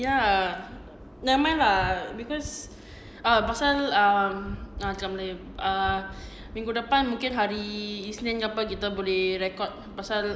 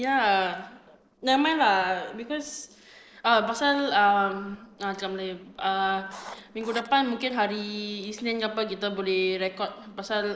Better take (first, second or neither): first